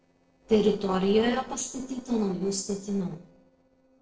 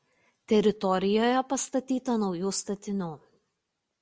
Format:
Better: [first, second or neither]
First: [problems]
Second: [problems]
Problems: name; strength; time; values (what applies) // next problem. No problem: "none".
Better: second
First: noise reduction (neural separator model SepFormer DNS4)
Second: none